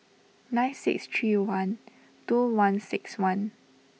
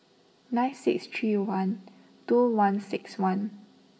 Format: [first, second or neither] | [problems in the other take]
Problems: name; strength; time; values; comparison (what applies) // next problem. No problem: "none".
first | room echo; dies away in 0.5 s